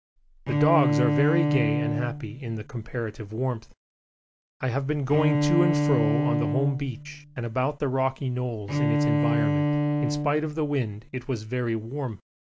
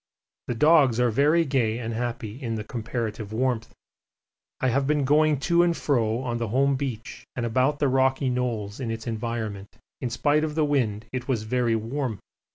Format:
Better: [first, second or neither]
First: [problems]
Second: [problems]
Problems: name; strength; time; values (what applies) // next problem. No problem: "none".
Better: second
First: background sound (Bowed string instrument); 2 dB above the speech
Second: none